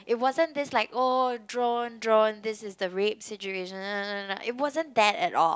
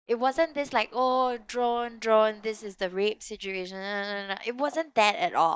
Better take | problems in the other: first | noise reduction (neural mask model DeepFilterNet 3)

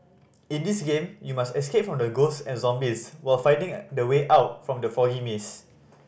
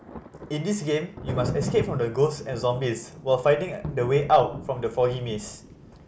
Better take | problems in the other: first | background sound (Thunder); 11 dB below the speech

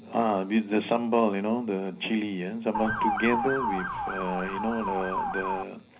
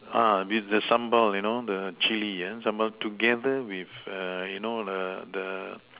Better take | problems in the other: second | background sound (Motor vehicle (road) / Siren); 2 dB below the speech // room echo; dies away in 0.5 s

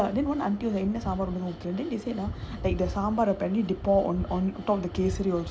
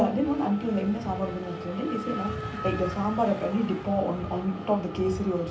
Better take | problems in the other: first | background sound (Race car, auto racing / Accelerating, revving, vroom); 11 dB below the speech // room echo; dies away in 0.3 s

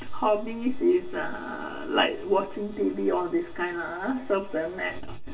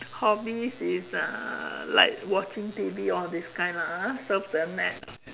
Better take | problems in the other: second | room echo; dies away in 0.2 s

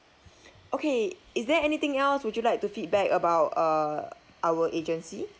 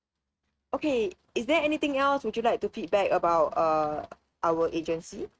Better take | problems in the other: first | noise reduction (neural mask model RNNoise)

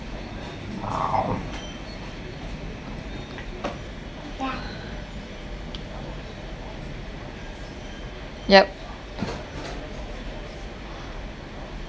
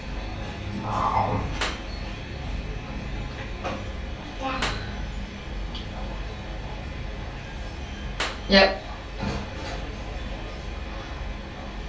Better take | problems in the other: first | background sound (Clapping); 10 dB below the speech // room echo; dies away in 0.3 s

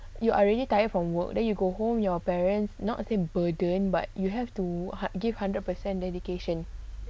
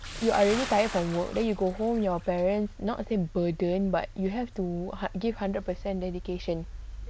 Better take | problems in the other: first | background sound (Bathtub (filling or washing) / Splash, splatter); 16 dB below the speech

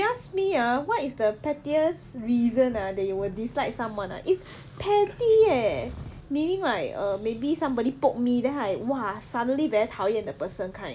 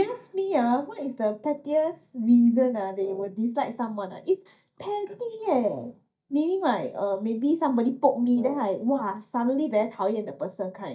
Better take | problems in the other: first | noise reduction (neural mask model DeepFilterNet 3)

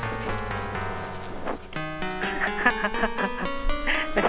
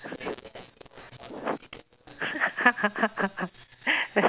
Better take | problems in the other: second | background sound (Accelerating, revving, vroom + Keyboard (musical)); 1 dB above the speech

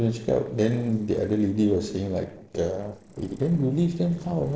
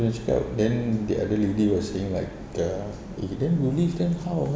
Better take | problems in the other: second | noise reduction (neural separator model SepFormer DNS4)

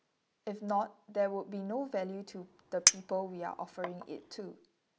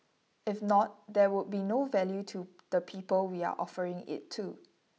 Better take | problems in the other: second | background sound (Chink, clink); 2 dB above the speech

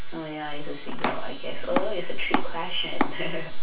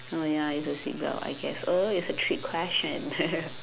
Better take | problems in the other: second | background sound (Domestic sounds, home sounds); 9 dB below the speech // room echo; dies away in 0.2 s

